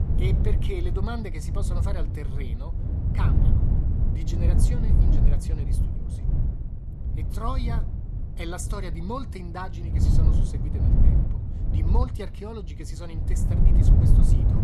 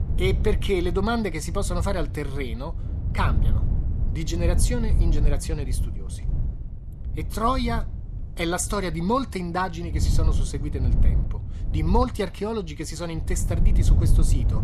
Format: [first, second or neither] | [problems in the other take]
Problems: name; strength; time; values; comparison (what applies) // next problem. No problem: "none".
second | wind noise on the microphone; heavy; 1 dB below the speech; occasional gusts in the second